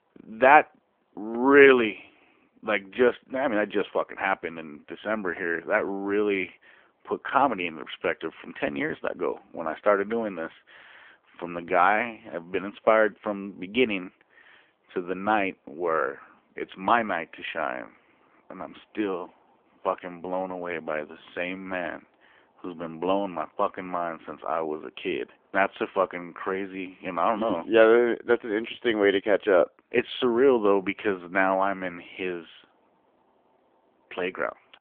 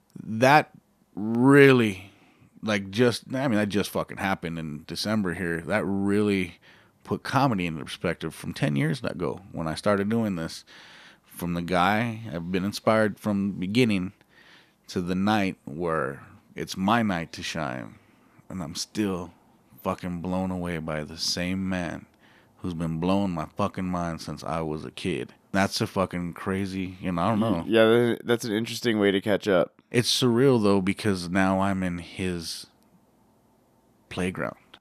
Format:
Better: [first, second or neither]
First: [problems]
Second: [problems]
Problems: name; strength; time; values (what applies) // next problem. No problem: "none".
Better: second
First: phone-call audio; nothing above 3.5 kHz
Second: none